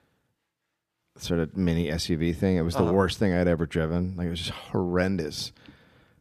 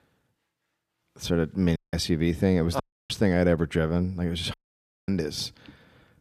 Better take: first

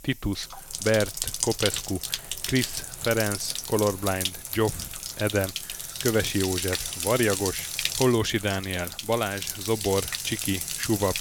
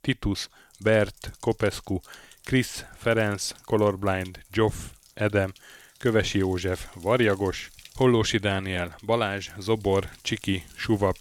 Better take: second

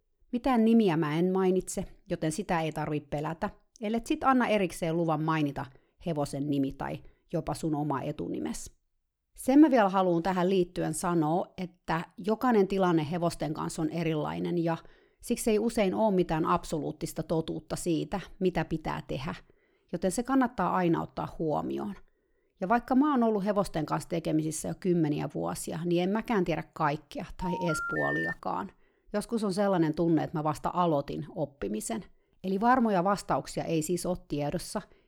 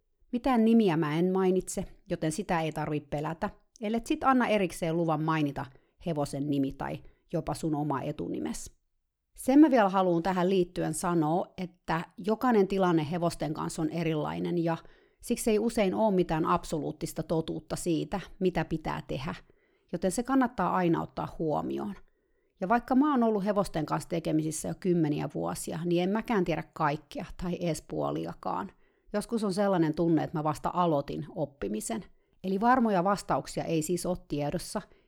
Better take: second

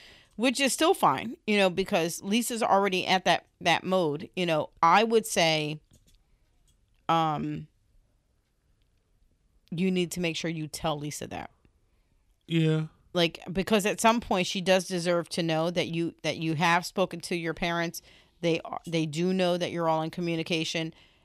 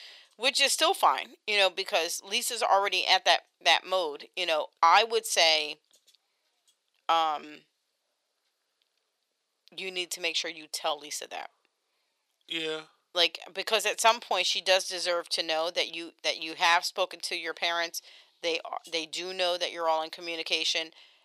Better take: first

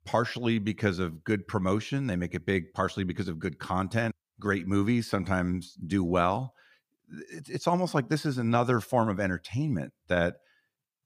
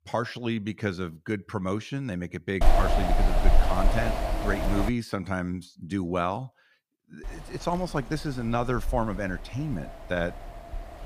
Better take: first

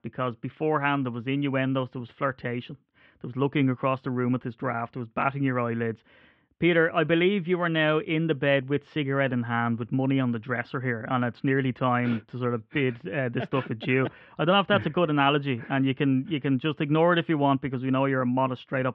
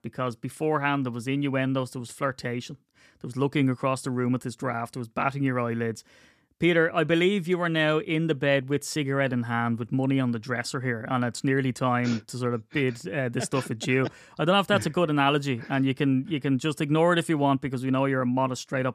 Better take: second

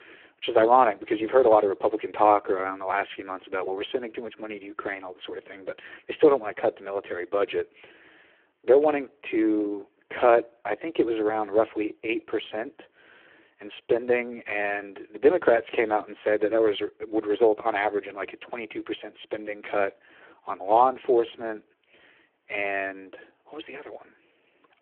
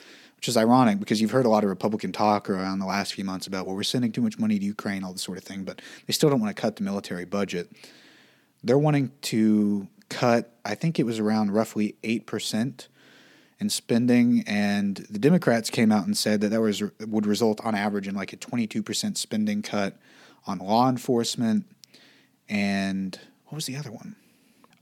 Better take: second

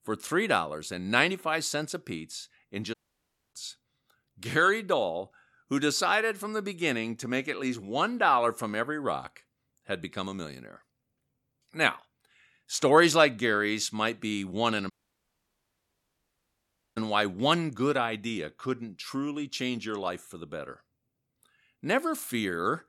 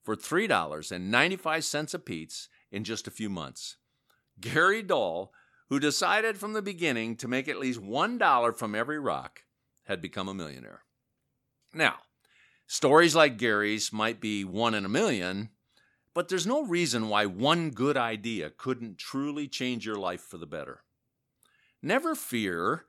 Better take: second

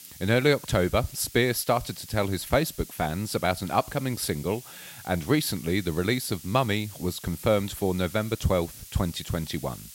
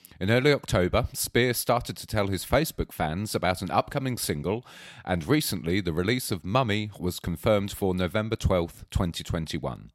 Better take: second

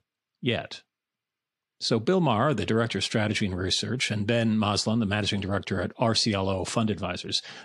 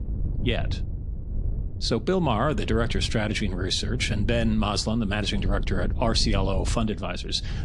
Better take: first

